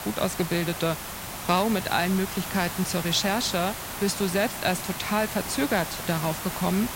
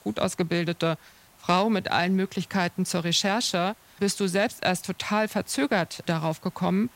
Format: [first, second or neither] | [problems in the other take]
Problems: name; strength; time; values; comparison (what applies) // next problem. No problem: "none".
second | hiss; loud; throughout; 6 dB below the speech; faint in the second